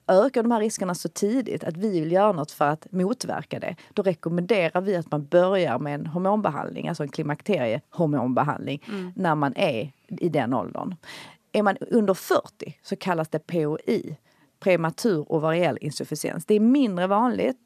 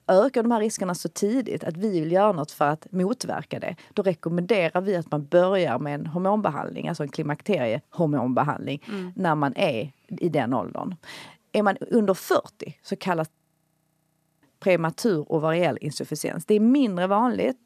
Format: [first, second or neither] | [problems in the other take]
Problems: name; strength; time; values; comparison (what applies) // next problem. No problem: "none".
first | audio freezing; at 13 s for 1 s